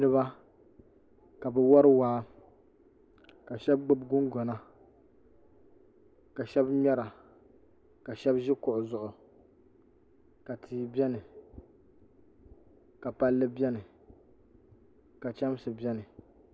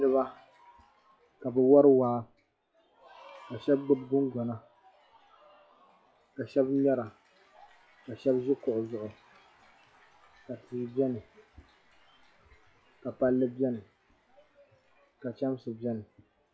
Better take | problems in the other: first | noise reduction (classical method log-MMSE)

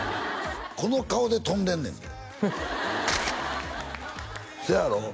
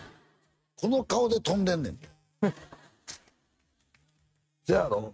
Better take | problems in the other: first | noise reduction (neural mask model RNNoise)

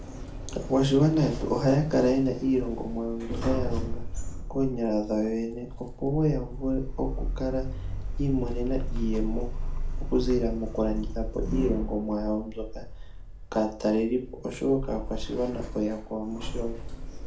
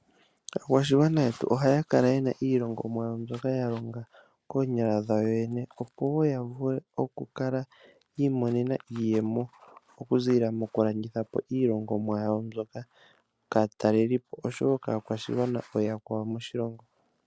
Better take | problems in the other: second | background sound (Sliding door); 4 dB below the speech // room echo; dies away in 0.4 s

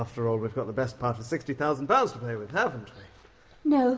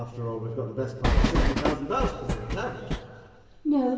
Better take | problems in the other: first | background sound (Train); 5 dB above the speech // room echo; dies away in 1.8 s

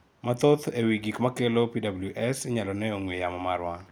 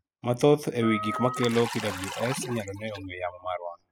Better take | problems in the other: first | noise reduction (classical method spectral subtraction)

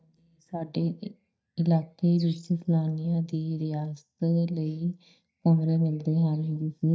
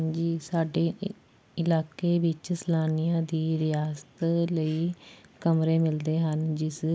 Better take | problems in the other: second | noise reduction (neural mask model DeepFilterNet 3)

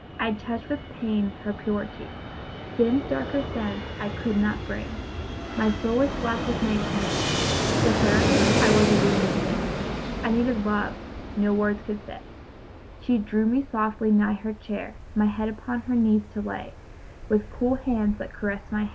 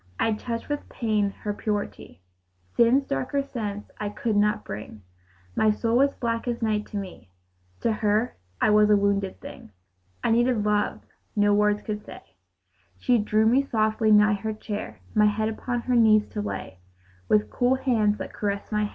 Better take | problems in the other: second | background sound (Fixed-wing aircraft, airplane); 3 dB below the speech

